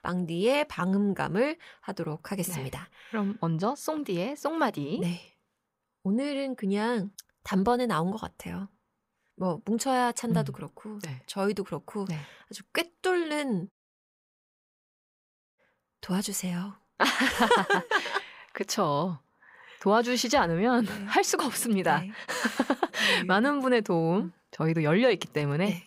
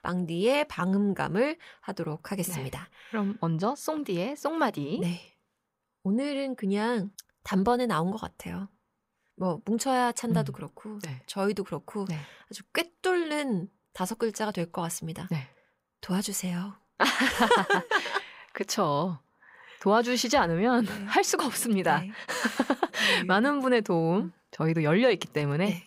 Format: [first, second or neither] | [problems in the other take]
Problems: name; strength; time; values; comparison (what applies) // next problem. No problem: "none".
second | audio cutting out; at 14 s for 2 s